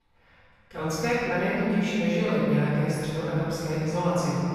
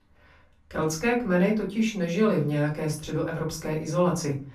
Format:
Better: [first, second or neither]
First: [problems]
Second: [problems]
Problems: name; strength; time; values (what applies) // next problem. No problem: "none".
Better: second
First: room echo; strong; dies away in 2.9 s // off-mic speech; far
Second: room echo; slight; dies away in 0.3 s // off-mic speech; far